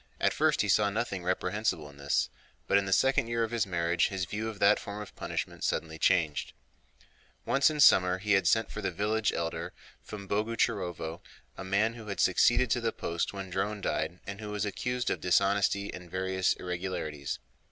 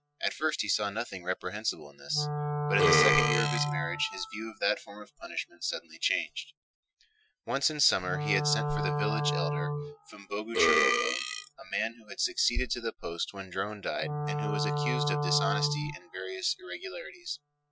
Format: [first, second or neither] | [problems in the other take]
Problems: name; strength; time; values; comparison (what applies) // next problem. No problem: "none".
first | noise reduction (classical method Wiener filter)